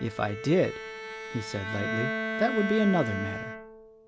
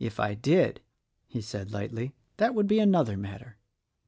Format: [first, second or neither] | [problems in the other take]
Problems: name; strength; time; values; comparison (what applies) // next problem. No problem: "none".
second | background sound (Bowed string instrument); 5 dB below the speech